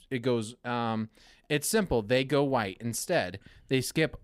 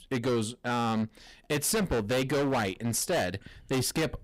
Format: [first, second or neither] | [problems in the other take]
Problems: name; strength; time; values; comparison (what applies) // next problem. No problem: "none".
first | distortion; heavy; 21% of the sound clipped